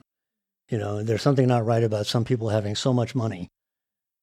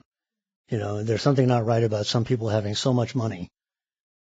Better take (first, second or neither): first